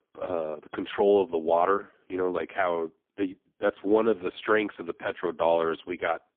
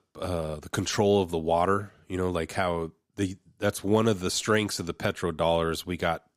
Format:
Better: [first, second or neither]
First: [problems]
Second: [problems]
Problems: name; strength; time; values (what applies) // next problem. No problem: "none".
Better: second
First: phone-call audio; poor line; nothing above 3.5 kHz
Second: none